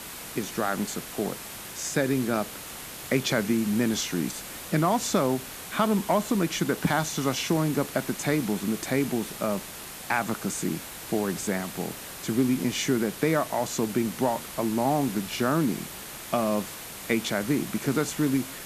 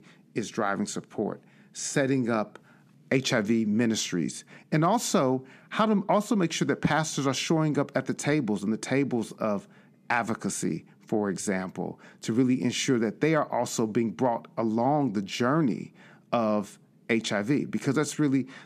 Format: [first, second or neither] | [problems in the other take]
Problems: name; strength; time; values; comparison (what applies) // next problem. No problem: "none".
second | hiss; loud; throughout; 10 dB below the speech